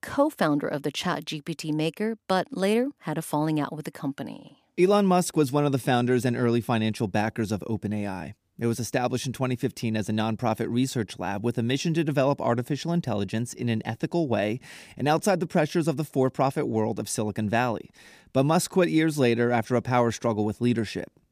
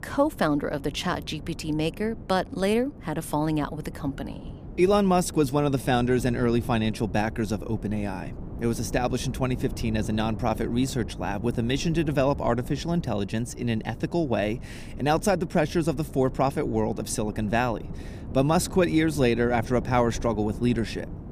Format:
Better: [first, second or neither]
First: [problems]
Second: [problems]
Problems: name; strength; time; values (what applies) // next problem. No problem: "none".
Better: first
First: none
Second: wind noise on the microphone; occasional gusts; 20 dB below the speech